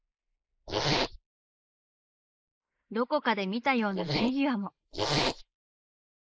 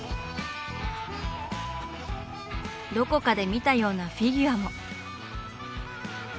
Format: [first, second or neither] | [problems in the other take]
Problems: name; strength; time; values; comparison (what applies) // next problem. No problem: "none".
second | noise reduction (neural mask model Resemble Enhance denoiser)